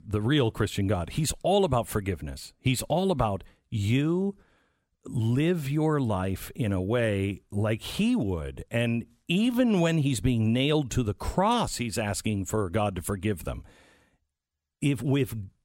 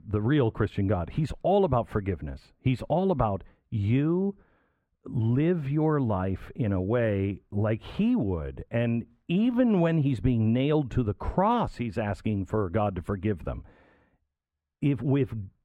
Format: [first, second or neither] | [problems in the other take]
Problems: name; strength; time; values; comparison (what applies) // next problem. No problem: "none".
first | muffled; very; fading above 3.5 kHz